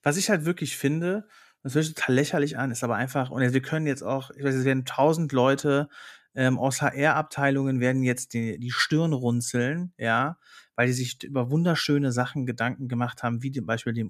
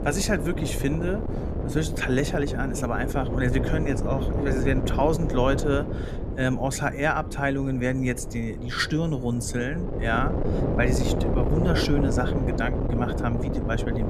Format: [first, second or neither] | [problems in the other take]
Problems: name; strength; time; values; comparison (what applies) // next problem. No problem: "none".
first | wind noise on the microphone; heavy; 5 dB below the speech